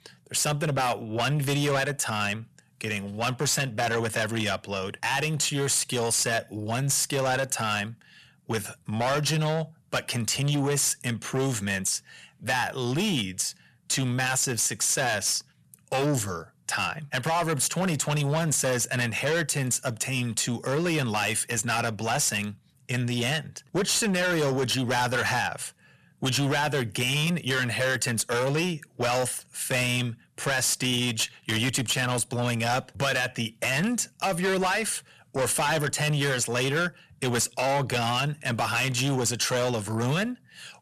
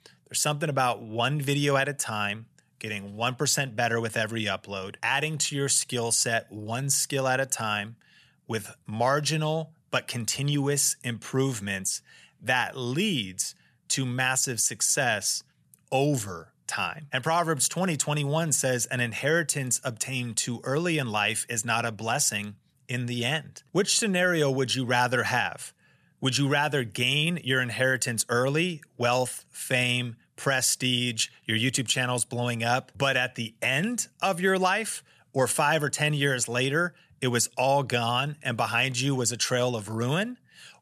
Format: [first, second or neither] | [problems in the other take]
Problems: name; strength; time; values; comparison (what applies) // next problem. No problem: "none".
second | distortion; heavy; 7 dB below the speech